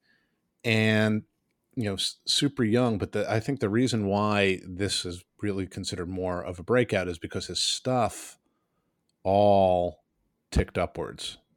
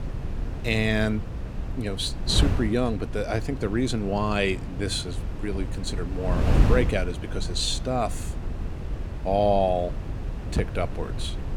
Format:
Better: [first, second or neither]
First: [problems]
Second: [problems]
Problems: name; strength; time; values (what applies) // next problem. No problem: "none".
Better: first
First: none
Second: wind noise on the microphone; occasional gusts; 10 dB below the speech